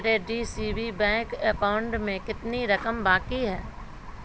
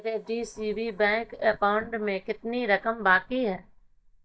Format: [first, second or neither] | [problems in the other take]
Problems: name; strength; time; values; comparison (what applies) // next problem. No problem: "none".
first | noise reduction (neural mask model DeepFilterNet 3)